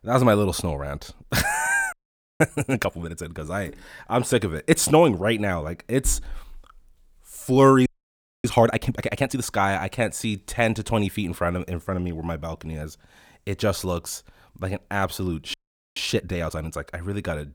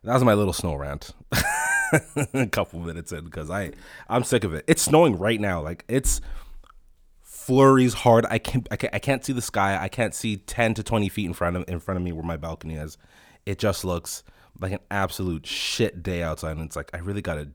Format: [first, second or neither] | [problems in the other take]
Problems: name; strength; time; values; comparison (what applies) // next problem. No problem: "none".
second | audio freezing; at 2 s, at 8 s for 0.5 s and at 16 s